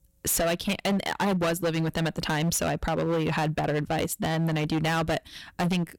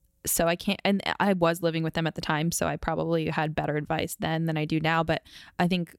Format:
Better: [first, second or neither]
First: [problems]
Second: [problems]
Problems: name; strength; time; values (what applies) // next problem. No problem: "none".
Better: second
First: distortion; heavy; 20% of the sound clipped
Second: none